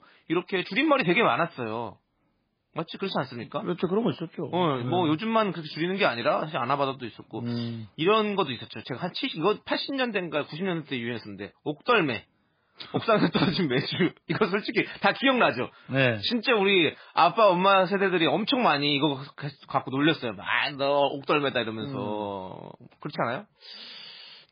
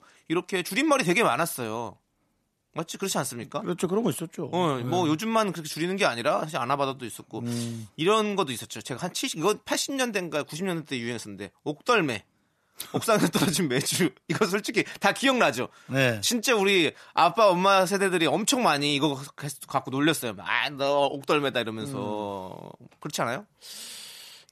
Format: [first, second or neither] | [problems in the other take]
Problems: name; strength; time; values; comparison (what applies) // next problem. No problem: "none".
second | garbled, watery; badly; nothing above 4.5 kHz